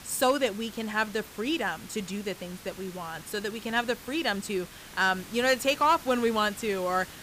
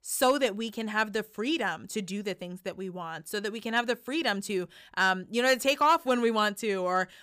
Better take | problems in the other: second | hiss; noticeable; throughout; 15 dB below the speech

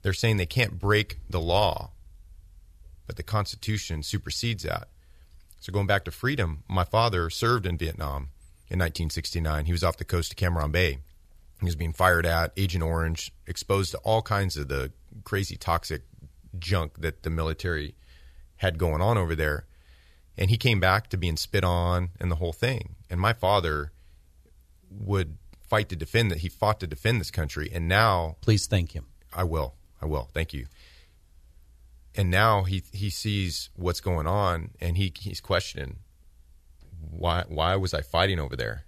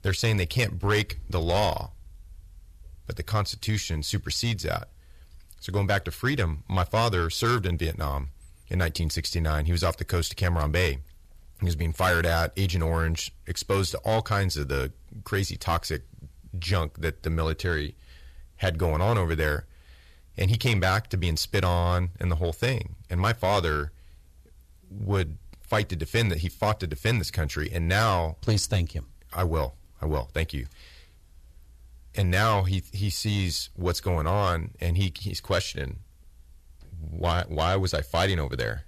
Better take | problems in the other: first | distortion; slight; 10 dB below the speech

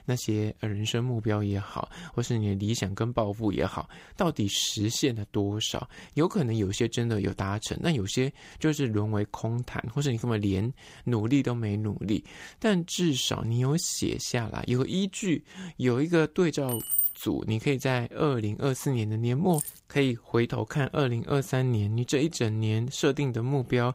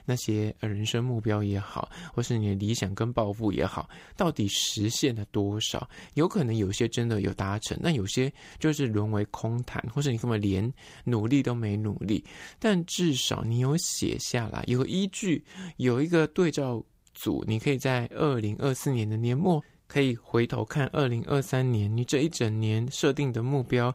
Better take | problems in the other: second | jangling keys; loud; at 17 s; peak 4 dB above the speech // jangling keys; noticeable; at 20 s; peak 7 dB below the speech

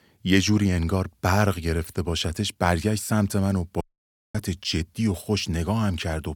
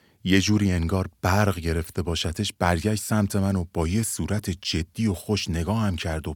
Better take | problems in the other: second | audio cutting out; at 4 s for 0.5 s

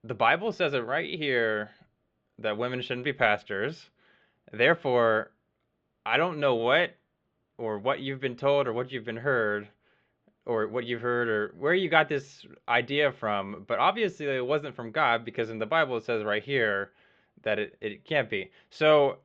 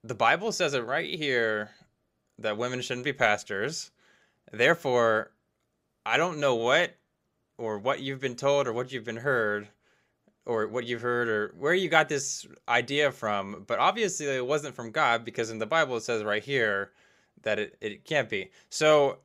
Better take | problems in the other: second | muffled; very; fading above 3.5 kHz

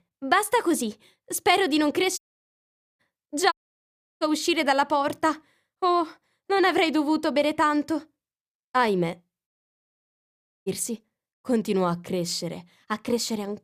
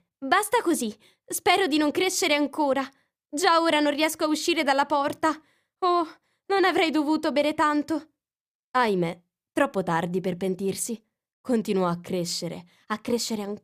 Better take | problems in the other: second | audio cutting out; at 2 s for 1 s, at 3.5 s for 0.5 s and at 9.5 s for 1 s

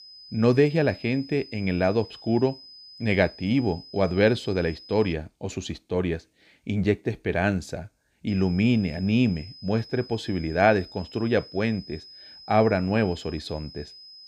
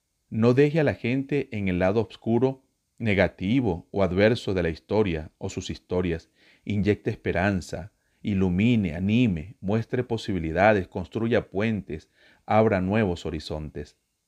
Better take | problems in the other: second | high-pitched whine; noticeable; until 5 s and from 8.5 s on; 5 kHz, 20 dB below the speech

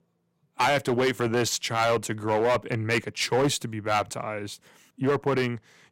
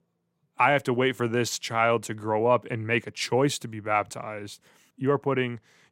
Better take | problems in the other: second | distortion; heavy; 8% of the sound clipped

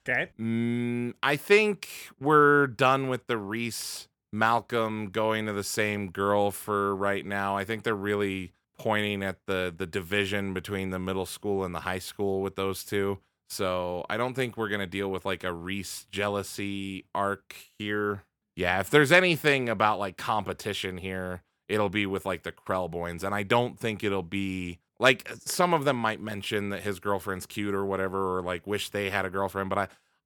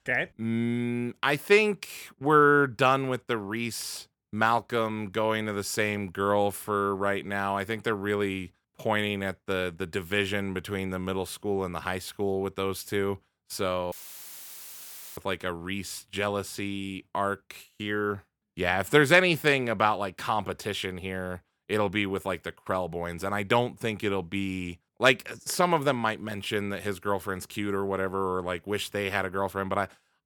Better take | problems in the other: first | audio cutting out; filled with static; at 14 s for 1.5 s

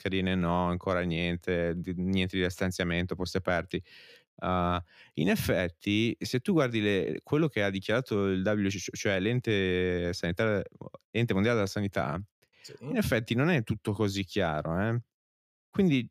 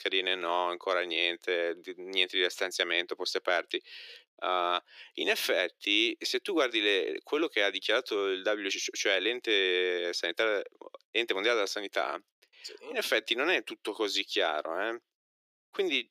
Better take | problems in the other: first | thin; very; fading below 350 Hz

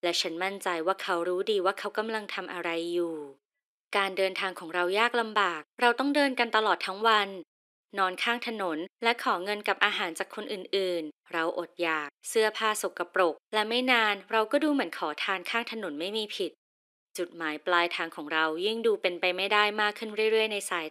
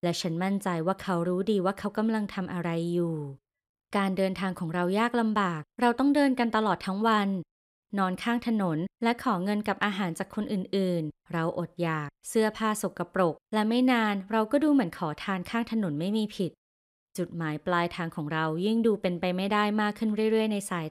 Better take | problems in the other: second | thin; somewhat; fading below 350 Hz

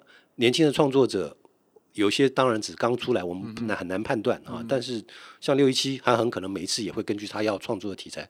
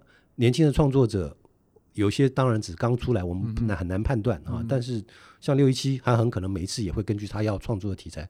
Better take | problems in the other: second | thin; somewhat; fading below 300 Hz

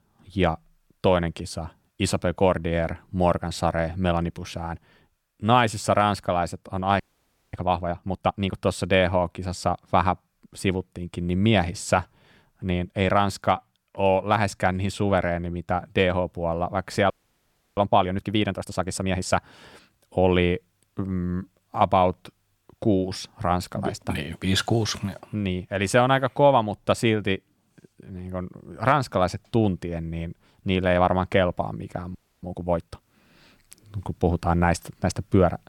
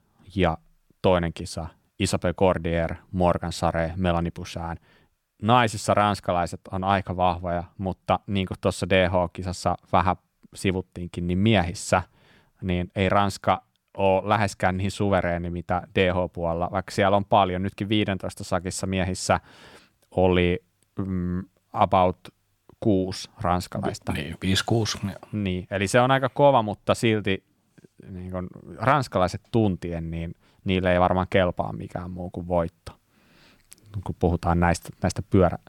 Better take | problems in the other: second | audio freezing; at 7 s for 0.5 s, at 17 s for 0.5 s and at 32 s

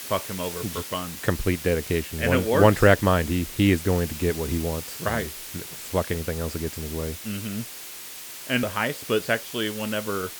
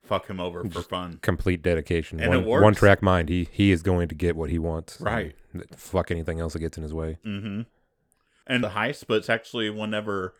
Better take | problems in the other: second | hiss; noticeable; throughout; 10 dB below the speech

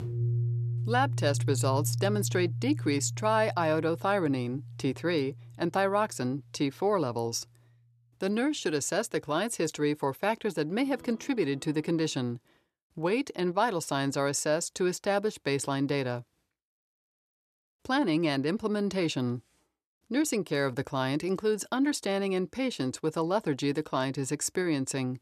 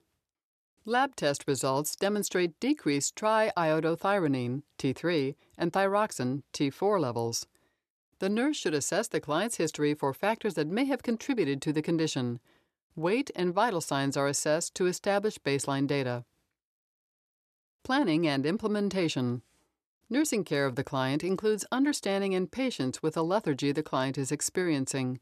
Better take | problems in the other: second | background music; loud; until 12 s; 4 dB below the speech

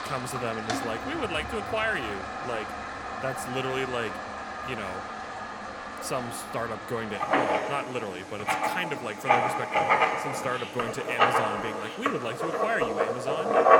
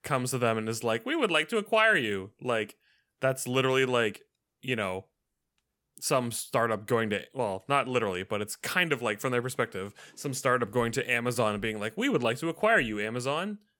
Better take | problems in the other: second | household noises; very loud; throughout; 4 dB above the speech

